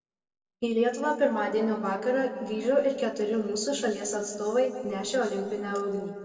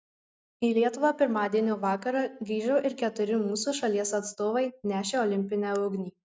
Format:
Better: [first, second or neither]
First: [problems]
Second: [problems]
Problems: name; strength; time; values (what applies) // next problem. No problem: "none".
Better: second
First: room echo; dies away in 1.8 s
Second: none